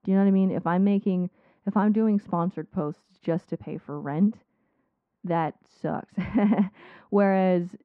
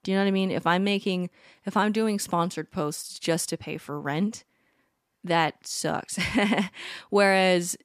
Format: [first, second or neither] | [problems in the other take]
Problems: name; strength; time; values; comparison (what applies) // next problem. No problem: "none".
second | muffled; very; fading above 1 kHz